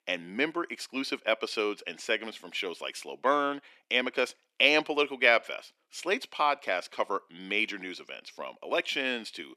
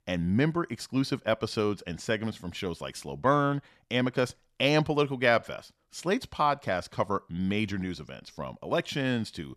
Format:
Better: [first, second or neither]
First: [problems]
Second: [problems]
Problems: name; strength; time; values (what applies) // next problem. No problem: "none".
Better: second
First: thin; somewhat; fading below 300 Hz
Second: none